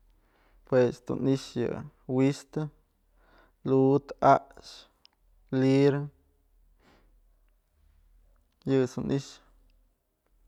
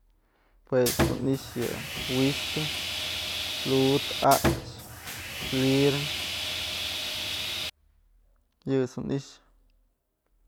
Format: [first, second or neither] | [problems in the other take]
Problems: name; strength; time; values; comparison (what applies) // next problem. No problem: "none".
first | background sound (Sawing); 1 dB below the speech